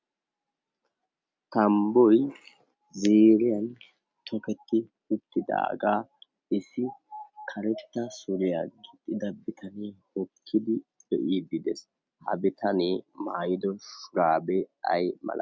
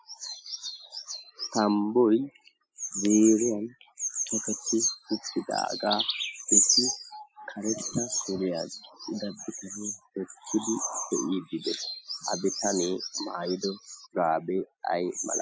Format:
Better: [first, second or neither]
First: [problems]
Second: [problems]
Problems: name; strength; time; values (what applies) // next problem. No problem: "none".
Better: first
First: none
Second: noise reduction (classical method spectral subtraction)